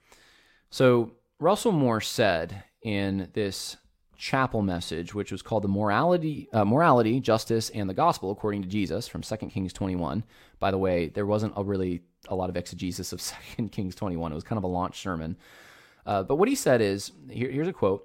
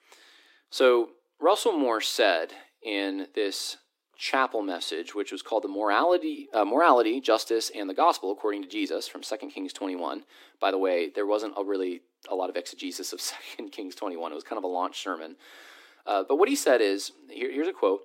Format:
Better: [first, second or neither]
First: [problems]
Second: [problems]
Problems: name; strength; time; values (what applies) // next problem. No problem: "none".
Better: first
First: none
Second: thin; somewhat; fading below 300 Hz